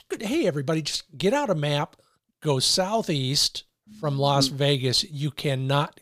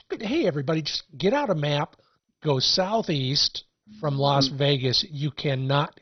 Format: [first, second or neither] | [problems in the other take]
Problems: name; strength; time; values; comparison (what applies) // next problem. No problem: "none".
first | garbled, watery; badly; nothing above 5.5 kHz